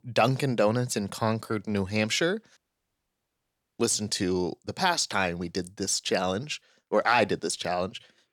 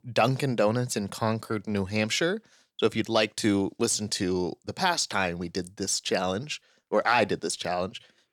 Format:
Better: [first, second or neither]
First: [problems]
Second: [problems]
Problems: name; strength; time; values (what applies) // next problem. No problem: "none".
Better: second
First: audio cutting out; at 2.5 s for 1 s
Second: none